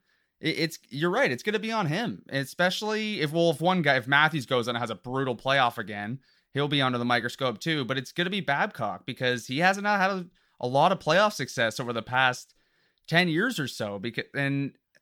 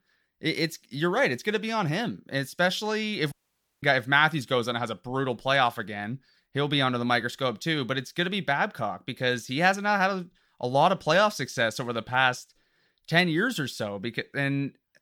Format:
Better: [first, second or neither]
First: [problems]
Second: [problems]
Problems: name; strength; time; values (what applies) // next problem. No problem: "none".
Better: first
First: none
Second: audio cutting out; at 3.5 s for 0.5 s